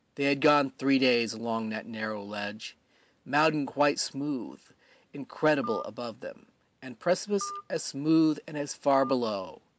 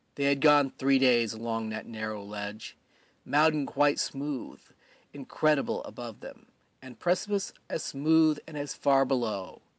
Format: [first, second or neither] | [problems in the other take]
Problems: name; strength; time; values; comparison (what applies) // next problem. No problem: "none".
second | background sound (Telephone); 16 dB below the speech